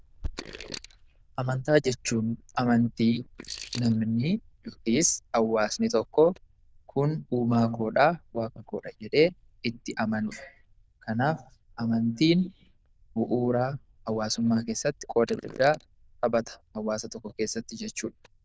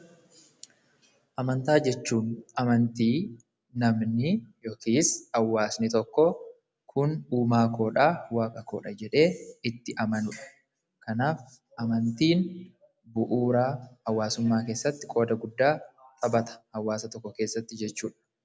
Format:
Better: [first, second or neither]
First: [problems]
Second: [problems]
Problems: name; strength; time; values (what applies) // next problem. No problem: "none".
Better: second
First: noise reduction (neural diffusion model UNIVERSE++)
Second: none